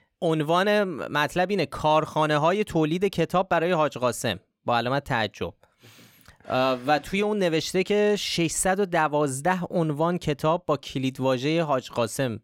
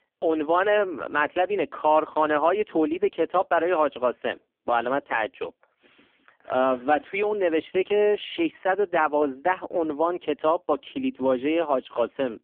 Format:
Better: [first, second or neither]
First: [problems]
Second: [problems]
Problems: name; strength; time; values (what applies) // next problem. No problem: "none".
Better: first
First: none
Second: phone-call audio; poor line